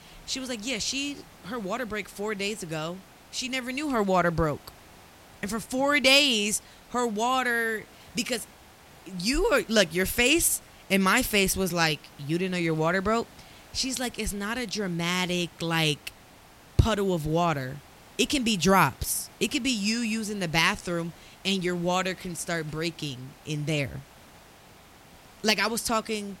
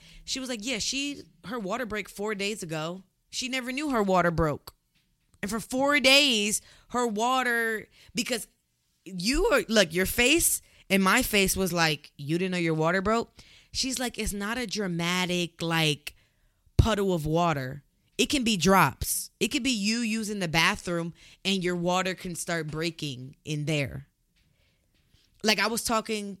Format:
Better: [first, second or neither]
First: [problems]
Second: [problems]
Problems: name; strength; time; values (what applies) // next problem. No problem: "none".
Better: second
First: hiss; faint; throughout; 25 dB below the speech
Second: none